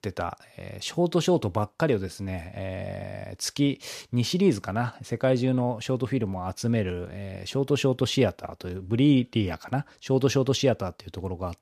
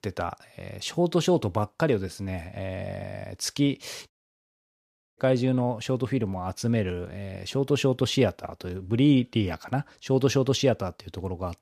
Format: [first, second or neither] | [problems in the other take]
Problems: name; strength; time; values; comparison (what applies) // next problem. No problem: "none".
first | audio cutting out; at 4 s for 1 s